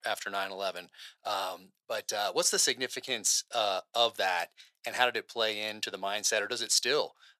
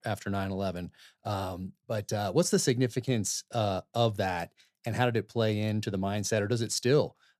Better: second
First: thin; very; fading below 750 Hz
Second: none

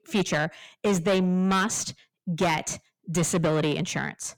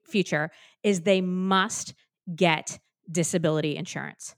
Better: second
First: distortion; heavy; 7 dB below the speech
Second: none

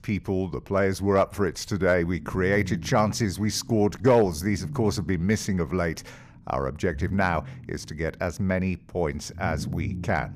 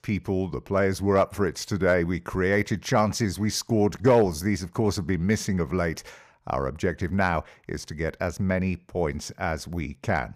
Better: second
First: low rumble; faint; throughout; 20 dB below the speech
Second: none

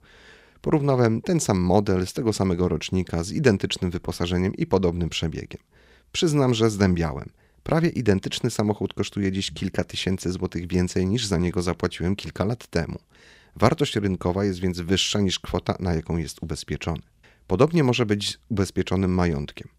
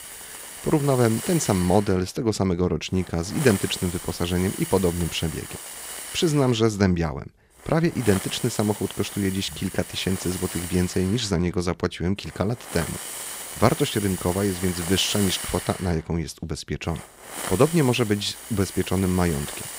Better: first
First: none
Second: hiss; loud; throughout; 9 dB below the speech

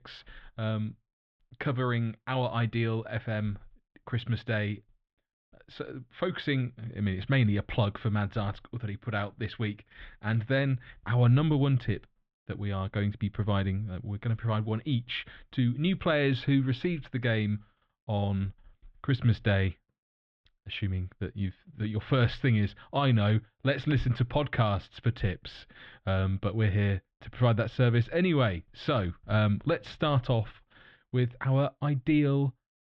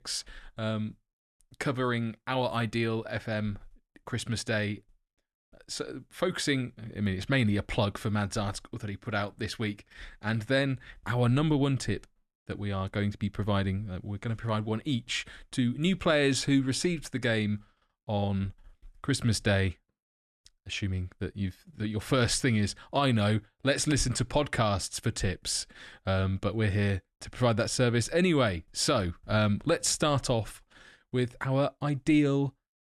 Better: second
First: muffled; very; fading above 3.5 kHz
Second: none

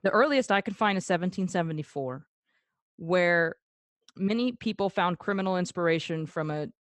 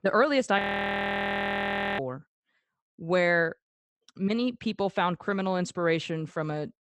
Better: first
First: none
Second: audio freezing; at 0.5 s for 1.5 s

